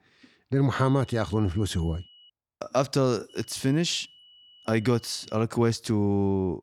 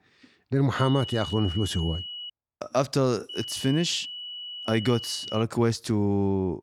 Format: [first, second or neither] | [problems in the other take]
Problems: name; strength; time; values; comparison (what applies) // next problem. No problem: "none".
first | high-pitched whine; loud; from 1 to 2.5 s and from 3.5 to 5.5 s; 3 kHz, 9 dB below the speech; faint in the first